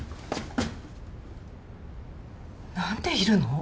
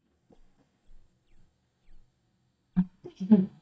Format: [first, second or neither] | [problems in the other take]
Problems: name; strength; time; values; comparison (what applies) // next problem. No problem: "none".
first | noise reduction (neural mask model DeepFilterNet 3)